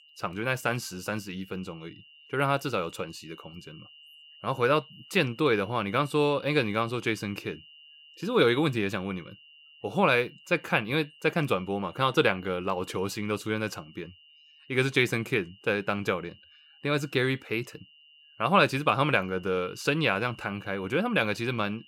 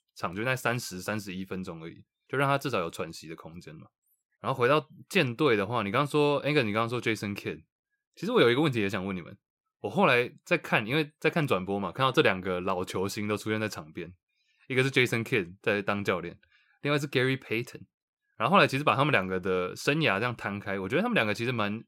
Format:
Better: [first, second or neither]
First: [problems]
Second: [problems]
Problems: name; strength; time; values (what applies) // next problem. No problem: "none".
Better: second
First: high-pitched whine; faint; throughout; 3 kHz, 25 dB below the speech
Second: none